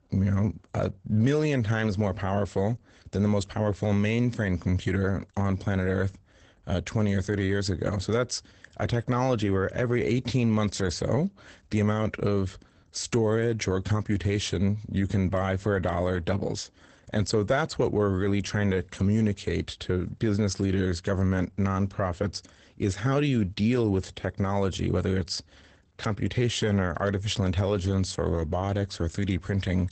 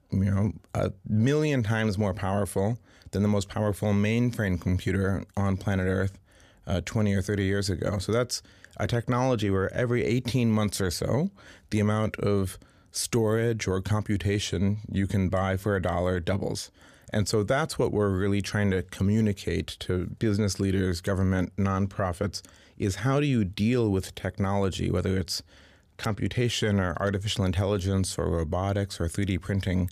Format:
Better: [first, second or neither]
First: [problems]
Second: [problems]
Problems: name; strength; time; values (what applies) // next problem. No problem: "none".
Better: second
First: garbled, watery; badly; nothing above 8 kHz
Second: none